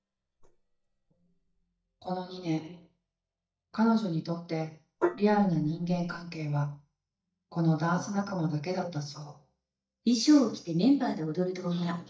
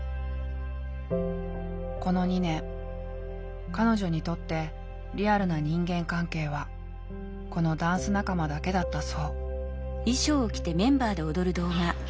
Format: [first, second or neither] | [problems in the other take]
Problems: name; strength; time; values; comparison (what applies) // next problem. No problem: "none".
second | noise reduction (neural mask model DeepFilterNet 3)